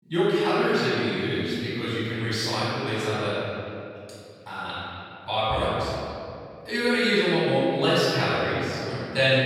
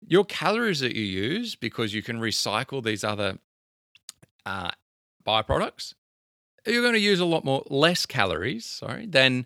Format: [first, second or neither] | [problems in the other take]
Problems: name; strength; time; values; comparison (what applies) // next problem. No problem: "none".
second | off-mic speech; far // room echo; strong; dies away in 2.3 s